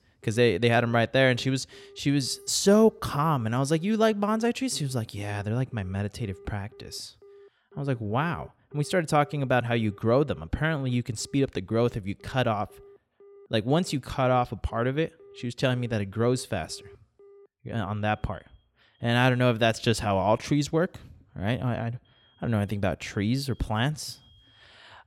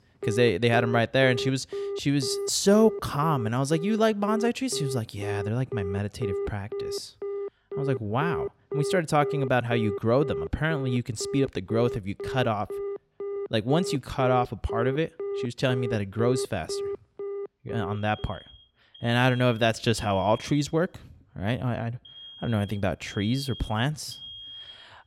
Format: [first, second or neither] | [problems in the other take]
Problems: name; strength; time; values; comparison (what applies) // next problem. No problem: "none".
first | alarms or sirens; loud; throughout; 8 dB below the speech; faint in the first